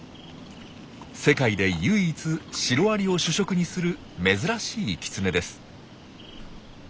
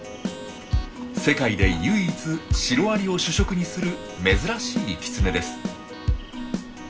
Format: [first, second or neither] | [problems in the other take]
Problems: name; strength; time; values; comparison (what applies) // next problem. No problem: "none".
first | background sound (Keyboard (musical)); 2 dB below the speech // room echo; dies away in 0.3 s